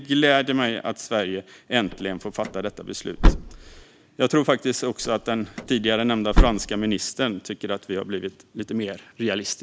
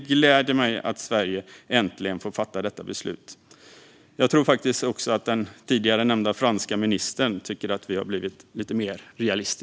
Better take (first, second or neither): second